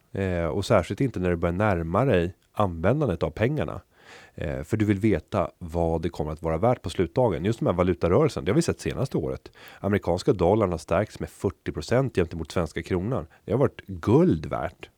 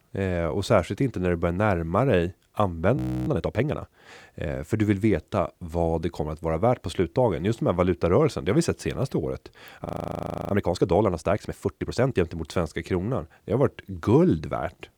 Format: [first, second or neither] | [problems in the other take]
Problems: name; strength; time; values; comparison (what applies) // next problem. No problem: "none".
first | audio freezing; at 3 s and at 10 s for 0.5 s